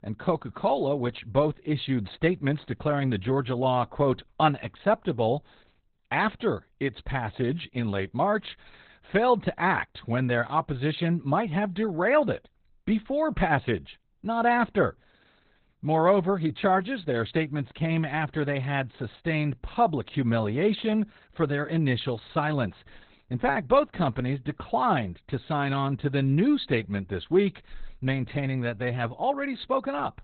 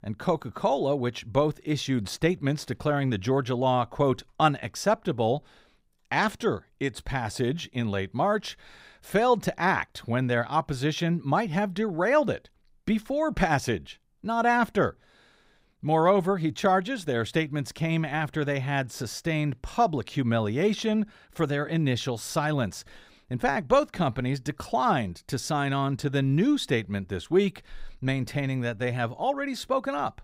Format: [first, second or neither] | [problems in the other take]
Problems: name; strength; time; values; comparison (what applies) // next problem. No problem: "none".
second | garbled, watery; badly; nothing above 4 kHz